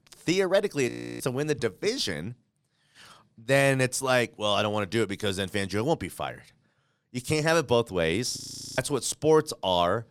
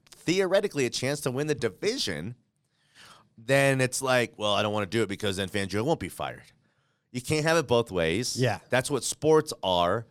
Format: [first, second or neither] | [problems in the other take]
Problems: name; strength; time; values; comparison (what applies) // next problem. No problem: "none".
second | audio freezing; at 1 s and at 8.5 s